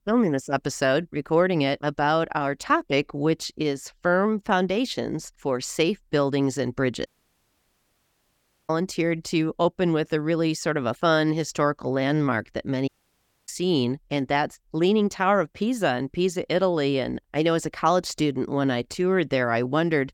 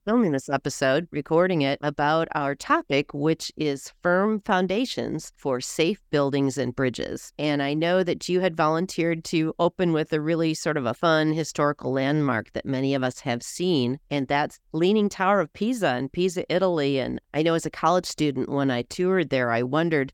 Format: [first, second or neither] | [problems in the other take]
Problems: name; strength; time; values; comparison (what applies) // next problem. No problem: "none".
second | audio cutting out; at 7 s for 1.5 s and at 13 s for 0.5 s